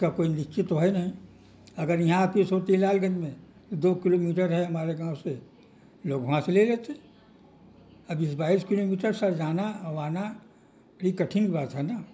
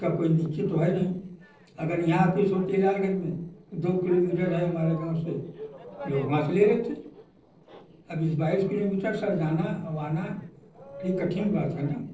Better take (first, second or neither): first